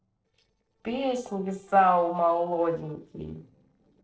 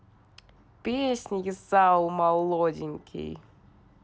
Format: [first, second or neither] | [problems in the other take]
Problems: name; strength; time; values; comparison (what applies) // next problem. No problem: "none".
second | noise reduction (neural separator model SepFormer DNS4)